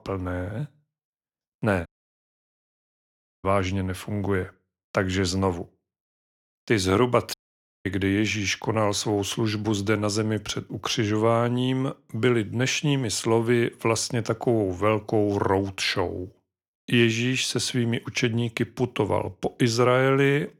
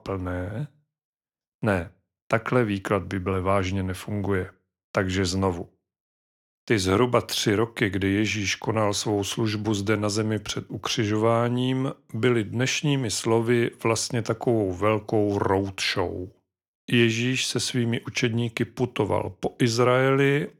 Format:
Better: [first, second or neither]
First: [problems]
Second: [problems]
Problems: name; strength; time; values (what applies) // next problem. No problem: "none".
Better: second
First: audio cutting out; at 2 s for 1.5 s and at 7.5 s for 0.5 s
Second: none